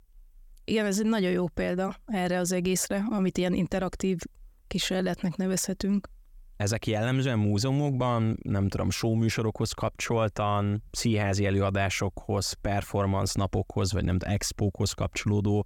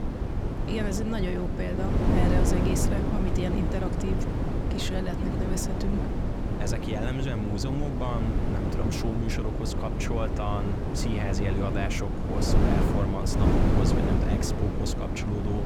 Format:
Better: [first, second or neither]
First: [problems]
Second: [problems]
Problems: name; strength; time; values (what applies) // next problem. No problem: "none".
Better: first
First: none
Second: wind noise on the microphone; heavy; 1 dB above the speech